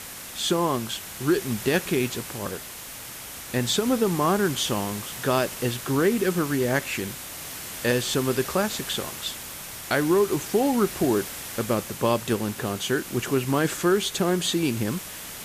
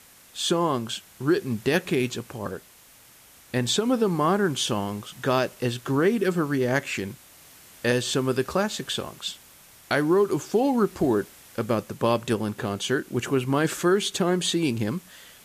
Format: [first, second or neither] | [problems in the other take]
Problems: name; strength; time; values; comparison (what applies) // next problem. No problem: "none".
second | hiss; loud; throughout; 9 dB below the speech; faint in the second